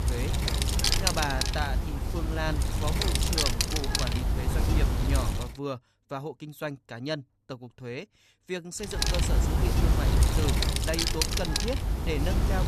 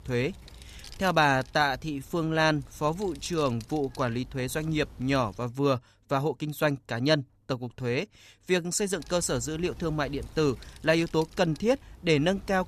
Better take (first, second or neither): second